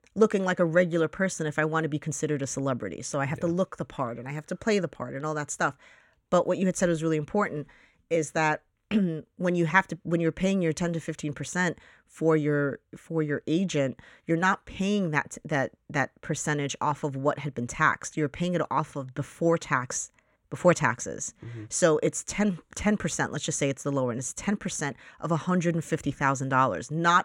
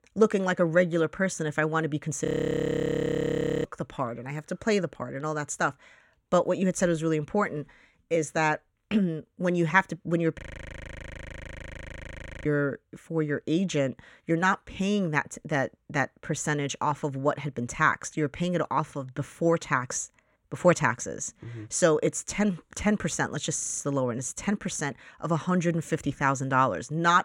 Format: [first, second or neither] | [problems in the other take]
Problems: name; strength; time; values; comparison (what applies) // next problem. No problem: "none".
first | audio freezing; at 2.5 s for 1.5 s, at 10 s for 2 s and at 24 s